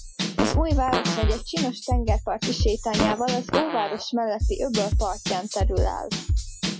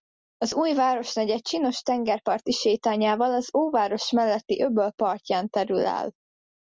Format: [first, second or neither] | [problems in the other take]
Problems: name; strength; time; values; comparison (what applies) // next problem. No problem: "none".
second | noise reduction (classical method Wiener filter)